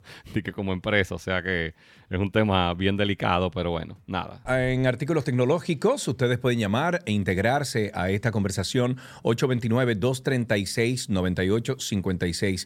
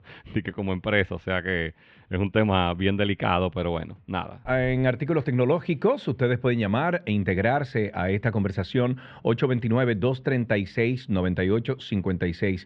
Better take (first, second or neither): first